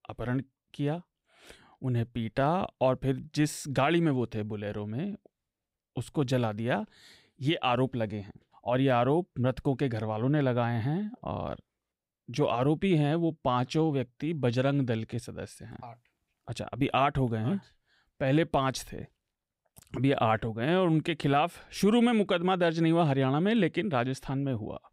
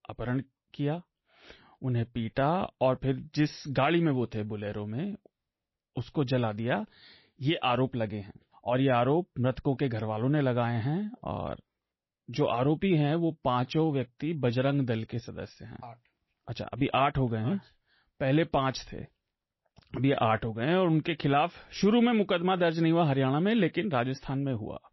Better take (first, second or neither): first